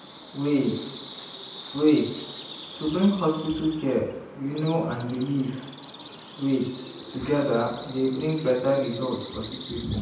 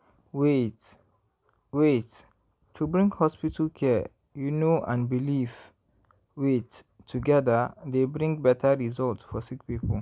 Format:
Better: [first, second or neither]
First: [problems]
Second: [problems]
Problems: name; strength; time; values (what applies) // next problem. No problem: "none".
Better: second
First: background sound (Bird vocalization, bird call, bird song); 14 dB below the speech // room echo; dies away in 0.8 s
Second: none